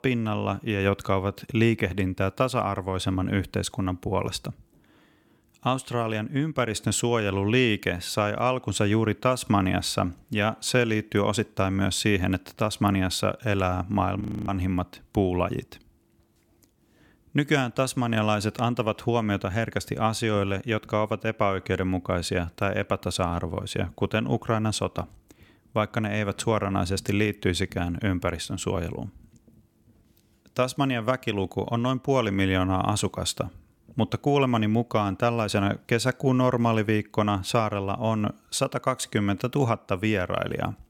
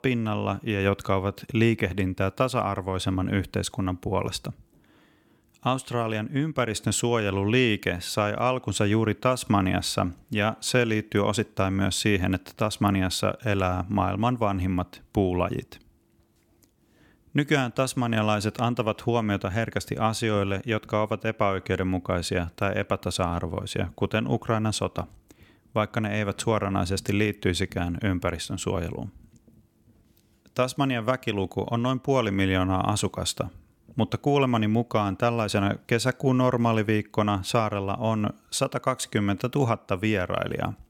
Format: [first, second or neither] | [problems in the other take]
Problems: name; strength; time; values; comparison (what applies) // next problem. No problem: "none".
second | audio freezing; at 14 s